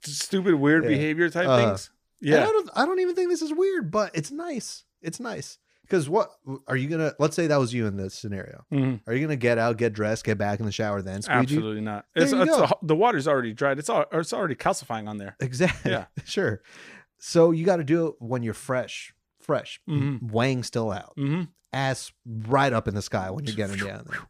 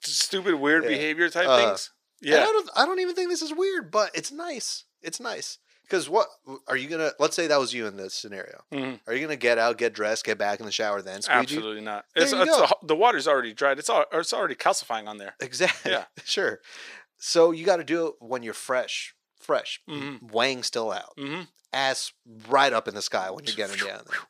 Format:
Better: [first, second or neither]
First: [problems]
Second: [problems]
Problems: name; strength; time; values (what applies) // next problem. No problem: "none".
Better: first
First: none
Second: thin; somewhat; fading below 450 Hz